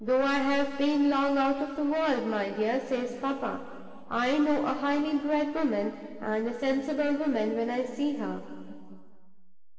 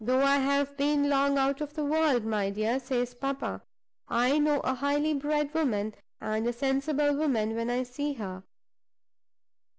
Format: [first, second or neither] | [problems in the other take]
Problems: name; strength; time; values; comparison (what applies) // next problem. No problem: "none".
second | room echo; dies away in 2.4 s